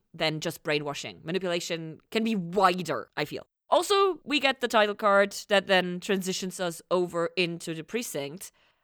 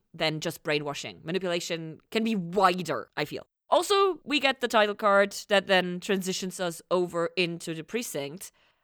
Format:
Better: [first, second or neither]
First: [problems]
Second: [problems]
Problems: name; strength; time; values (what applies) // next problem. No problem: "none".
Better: neither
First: none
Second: none